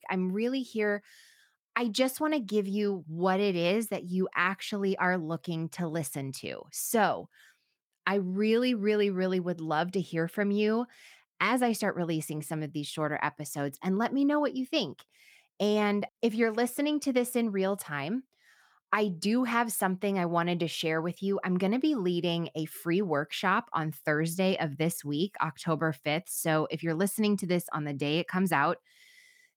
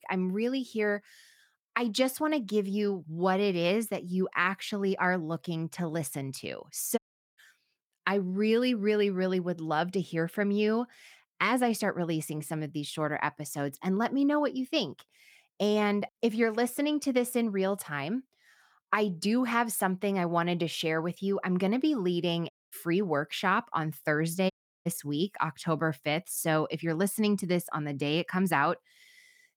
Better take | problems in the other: first | audio cutting out; at 7 s, at 23 s and at 25 s

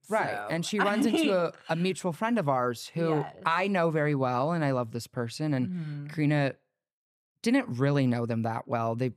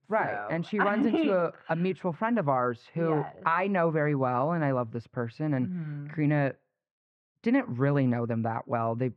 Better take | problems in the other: first | muffled; very; fading above 1.5 kHz

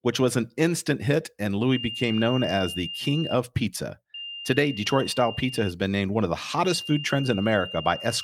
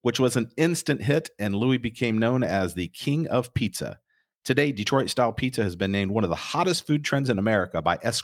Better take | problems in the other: second | high-pitched whine; loud; from 1.5 to 3.5 s, from 4 to 5.5 s and from 6.5 s on; 3 kHz, 9 dB below the speech

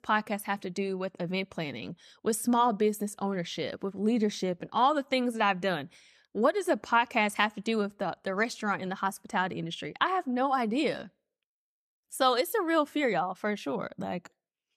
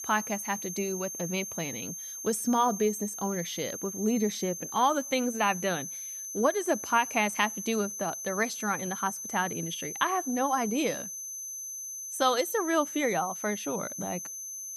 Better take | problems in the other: first | high-pitched whine; loud; throughout; 6 kHz, 6 dB below the speech

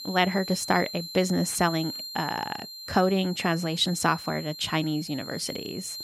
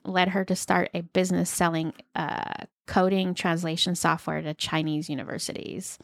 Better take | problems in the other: second | high-pitched whine; loud; throughout; 4 kHz, 10 dB below the speech

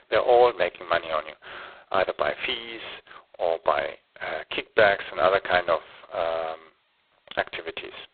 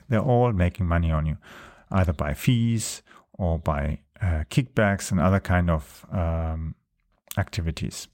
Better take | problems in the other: second | phone-call audio; poor line; nothing above 4 kHz

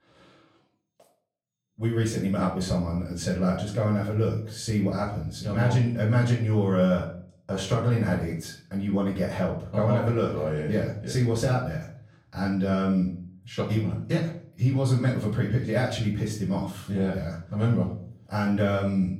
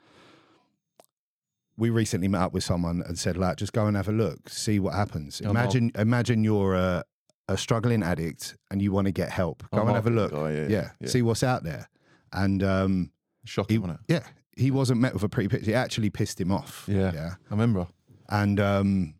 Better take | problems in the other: second | off-mic speech; far // room echo; slight; dies away in 0.4 s

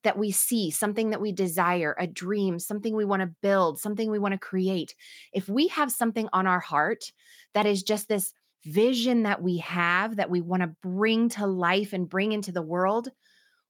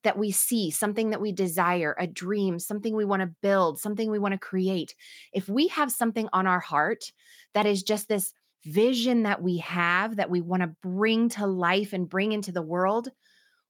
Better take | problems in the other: neither | none

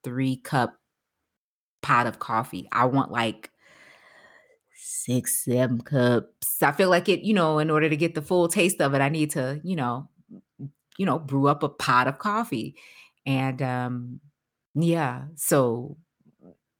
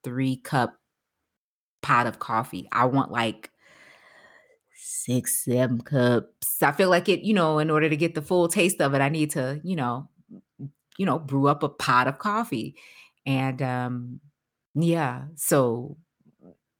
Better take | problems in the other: neither | none

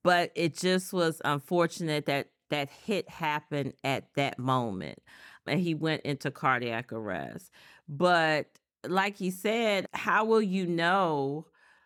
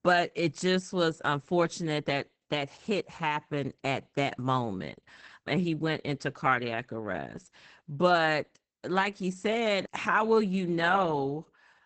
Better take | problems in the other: first | garbled, watery; badly; nothing above 8 kHz

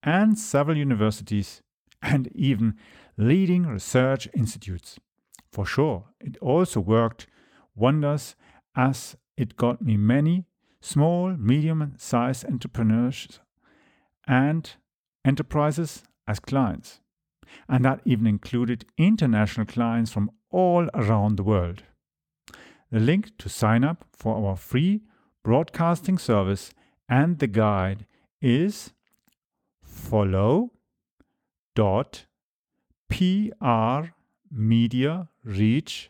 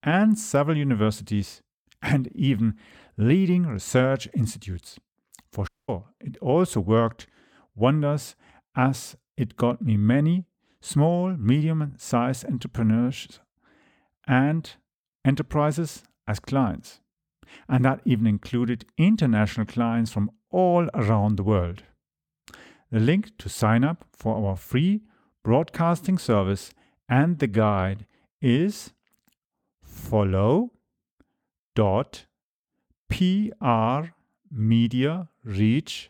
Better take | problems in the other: first | audio cutting out; at 5.5 s

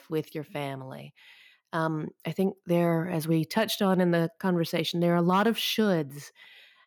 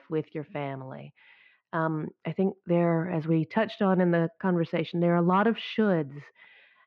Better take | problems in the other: first | muffled; very; fading above 2.5 kHz

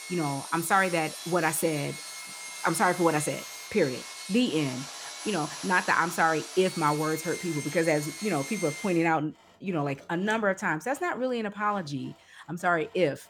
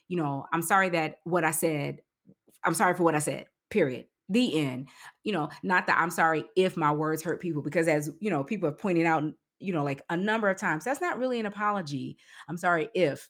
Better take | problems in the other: second | machinery noise; noticeable; throughout; 10 dB below the speech

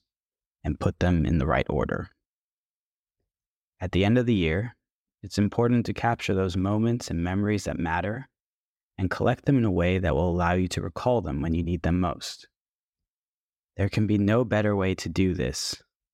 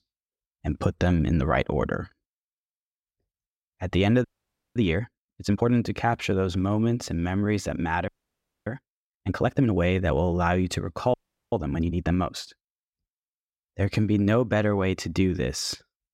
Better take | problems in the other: first | audio freezing; at 4 s for 0.5 s, at 8 s for 0.5 s and at 11 s

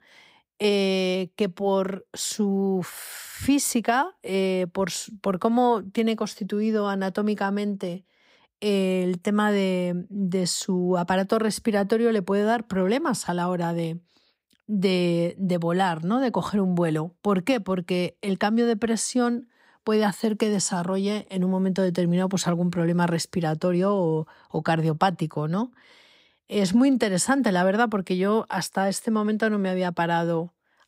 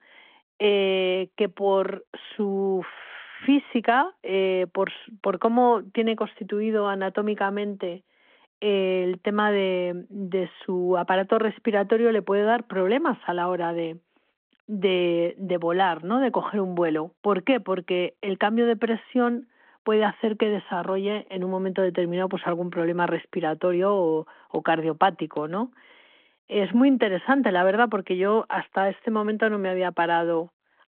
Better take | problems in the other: first | phone-call audio

